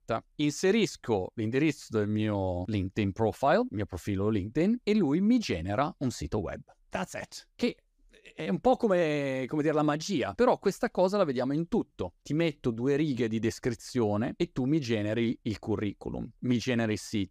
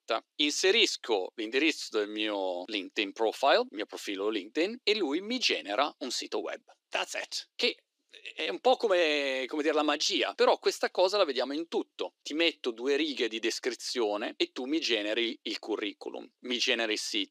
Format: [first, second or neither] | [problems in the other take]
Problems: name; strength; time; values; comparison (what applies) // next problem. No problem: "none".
first | thin; somewhat; fading below 300 Hz